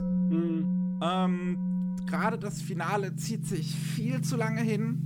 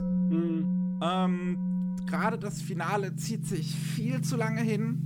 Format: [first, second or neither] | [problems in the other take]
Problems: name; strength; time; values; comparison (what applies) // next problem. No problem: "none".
neither | background music; very loud; throughout; 2 dB above the speech; the same in both